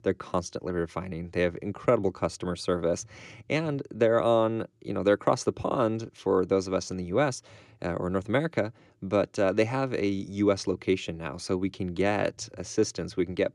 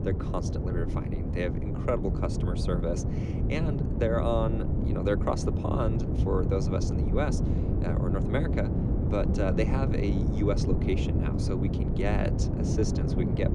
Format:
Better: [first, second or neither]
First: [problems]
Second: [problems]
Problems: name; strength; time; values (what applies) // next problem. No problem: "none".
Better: first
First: none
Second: wind noise on the microphone; heavy; 4 dB below the speech